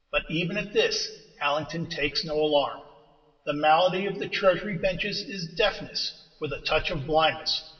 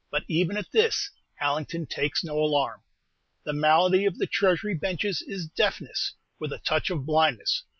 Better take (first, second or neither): second